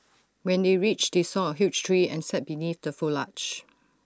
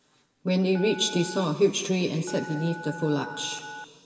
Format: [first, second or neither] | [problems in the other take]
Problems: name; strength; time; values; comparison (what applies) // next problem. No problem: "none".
first | background sound (Telephone); 15 dB below the speech // room echo; dies away in 2.2 s